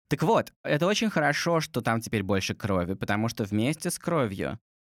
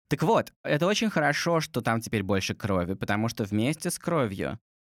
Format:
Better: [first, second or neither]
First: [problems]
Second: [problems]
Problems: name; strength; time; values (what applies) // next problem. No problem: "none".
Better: neither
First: none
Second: none